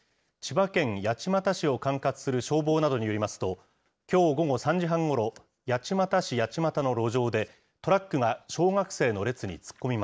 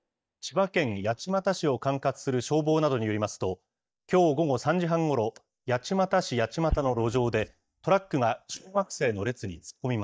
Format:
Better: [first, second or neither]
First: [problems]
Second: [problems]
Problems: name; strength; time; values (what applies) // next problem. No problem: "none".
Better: first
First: none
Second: noise reduction (neural mask model DeepFilterNet 3)